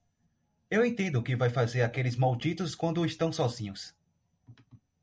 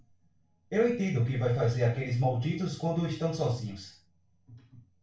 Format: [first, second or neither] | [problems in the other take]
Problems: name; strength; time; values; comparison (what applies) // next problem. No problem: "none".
first | room echo; dies away in 0.3 s